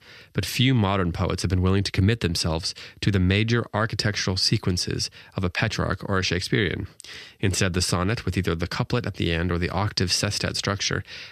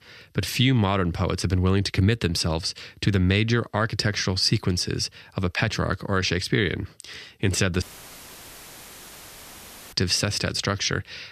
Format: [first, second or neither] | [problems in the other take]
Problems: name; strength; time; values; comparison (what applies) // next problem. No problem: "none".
first | audio cutting out; filled with static; at 8 s for 2 s